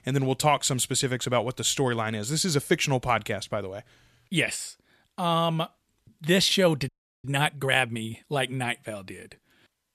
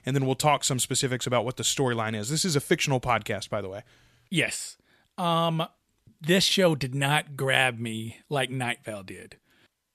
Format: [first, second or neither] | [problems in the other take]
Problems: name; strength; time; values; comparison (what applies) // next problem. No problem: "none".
second | audio freezing; at 7 s